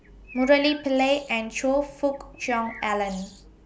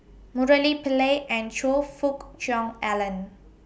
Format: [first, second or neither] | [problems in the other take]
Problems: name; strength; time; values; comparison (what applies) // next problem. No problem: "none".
second | background sound (Bird); 19 dB below the speech